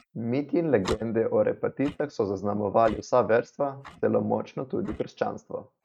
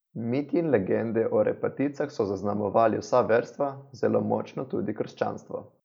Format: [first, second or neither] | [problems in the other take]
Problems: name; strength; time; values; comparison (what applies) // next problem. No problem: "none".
second | noise reduction (neural mask model RNNoise)